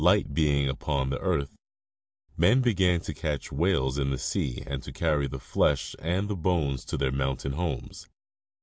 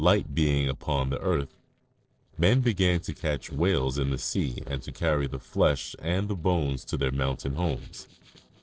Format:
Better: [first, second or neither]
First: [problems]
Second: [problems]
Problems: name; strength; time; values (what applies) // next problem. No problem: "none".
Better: first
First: none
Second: noise reduction (neural separator model SepFormer DNS4)